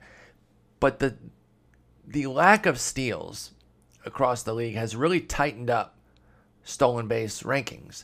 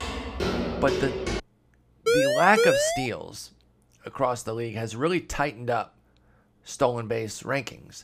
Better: first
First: none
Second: footsteps; noticeable; until 1.5 s; peak 1 dB below the speech // siren; loud; from 2 to 3 s; peak 5 dB above the speech

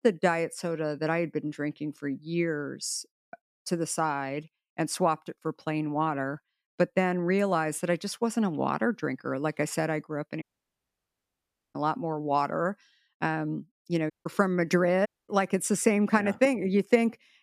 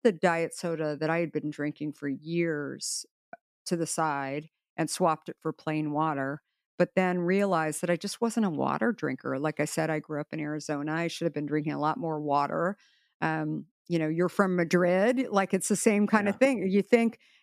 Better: second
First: audio cutting out; at 10 s for 1.5 s, at 14 s and at 15 s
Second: none

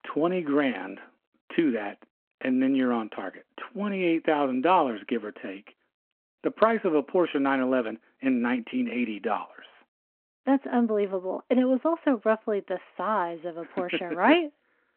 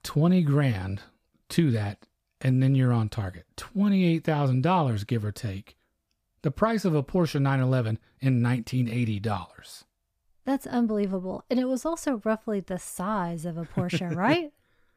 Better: second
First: phone-call audio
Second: none

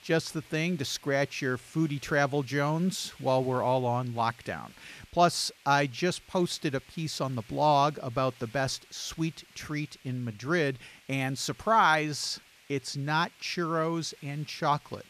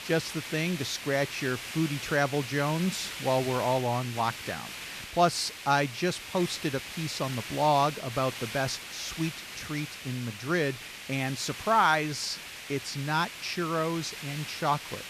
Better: first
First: hiss; faint; throughout; 25 dB below the speech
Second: hiss; loud; throughout; 9 dB below the speech

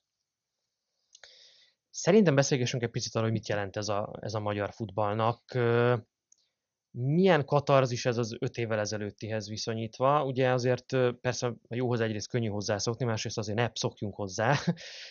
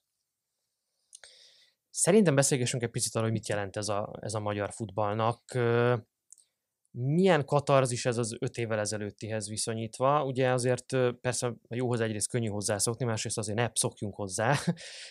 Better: second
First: garbled, watery; slightly; nothing above 6.5 kHz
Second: none

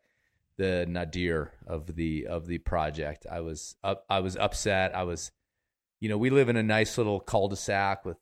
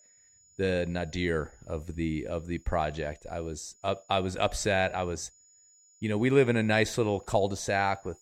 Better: first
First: none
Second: high-pitched whine; faint; throughout; 7 kHz, 30 dB below the speech

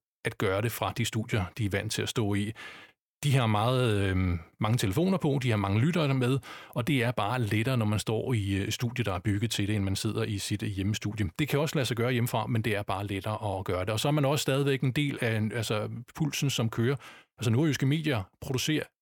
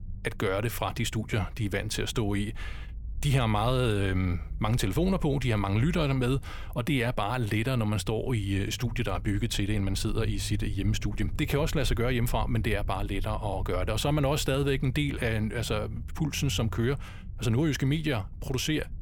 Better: first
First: none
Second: low rumble; faint; throughout; 25 dB below the speech

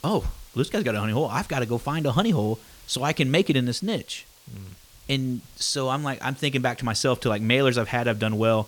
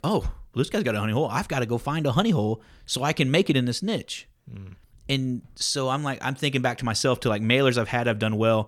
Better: second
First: hiss; faint; throughout; 25 dB below the speech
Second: none

